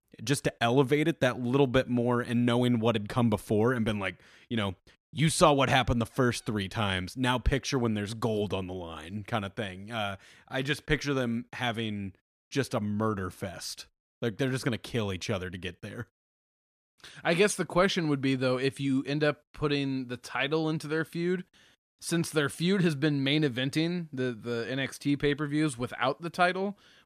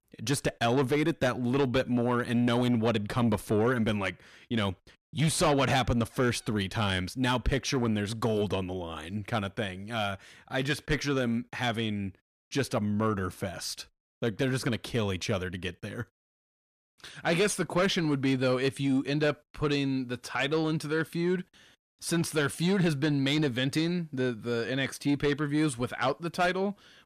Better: first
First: none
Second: distortion; slight; 10 dB below the speech

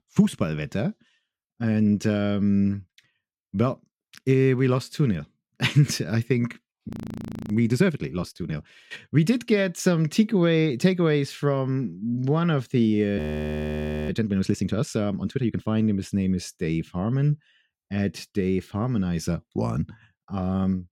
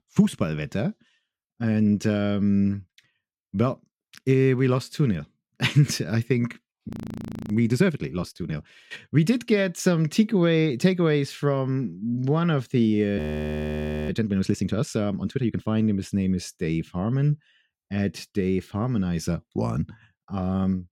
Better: neither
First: audio freezing; at 7 s for 0.5 s and at 13 s for 1 s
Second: audio freezing; at 7 s for 0.5 s and at 13 s for 1 s

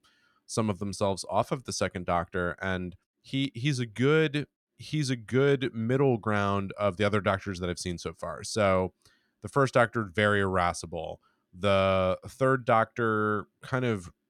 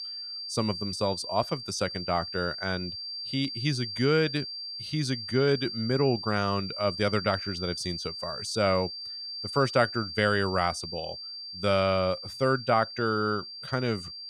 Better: first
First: none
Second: high-pitched whine; loud; throughout; 4.5 kHz, 7 dB below the speech

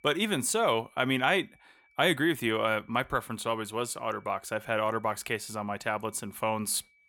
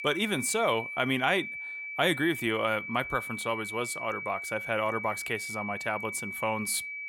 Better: first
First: high-pitched whine; faint; throughout; 2.5 kHz, 35 dB below the speech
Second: high-pitched whine; loud; throughout; 2.5 kHz, 6 dB below the speech

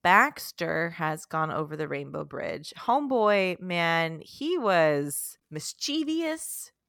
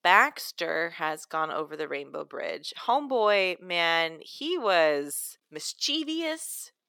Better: first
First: none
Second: thin; somewhat; fading below 400 Hz

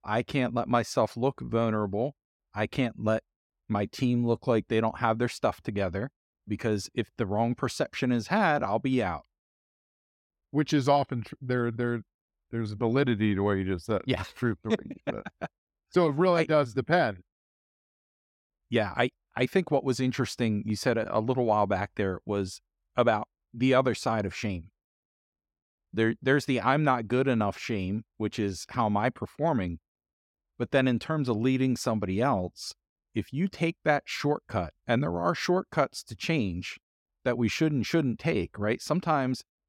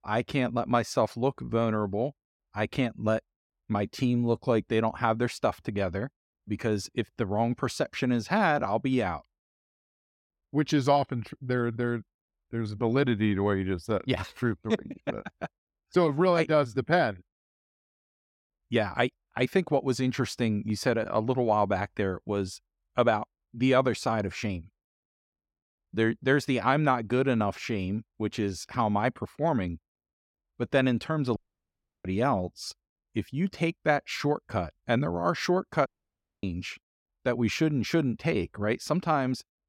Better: first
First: none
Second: audio cutting out; at 31 s for 0.5 s and at 36 s for 0.5 s

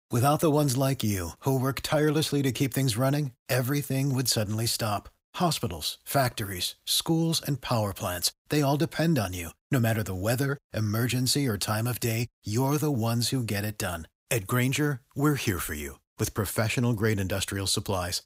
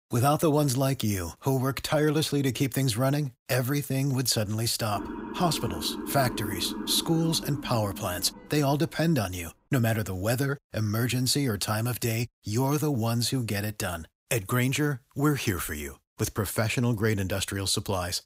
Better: first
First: none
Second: siren; noticeable; from 5 to 9 s; peak 8 dB below the speech

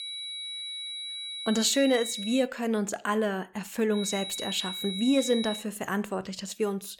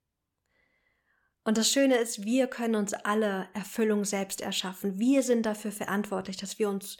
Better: second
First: high-pitched whine; loud; until 2.5 s and from 4 to 5.5 s; 4 kHz, 6 dB below the speech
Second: none

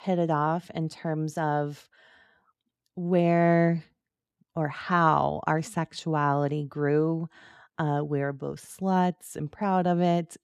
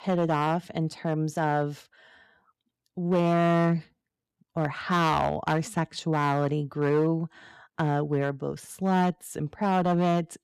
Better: first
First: none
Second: distortion; slight; 4% of the sound clipped

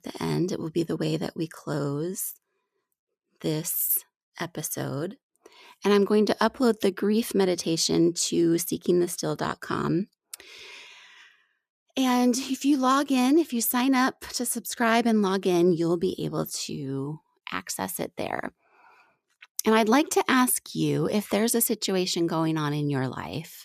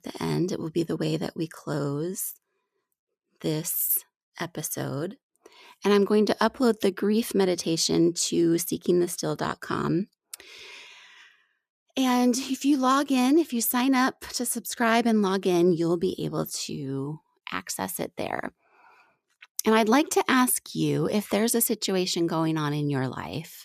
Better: neither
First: none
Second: none

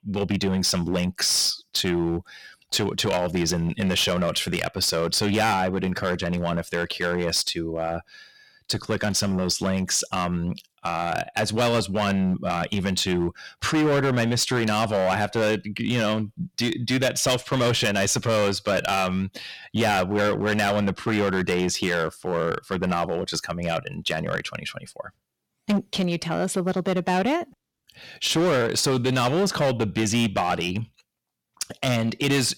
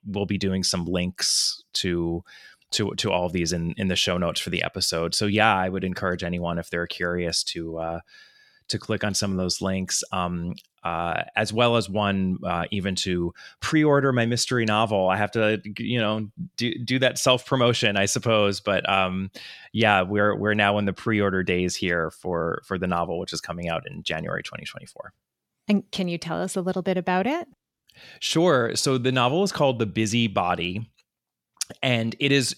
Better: second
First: distortion; heavy; 11% of the sound clipped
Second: none

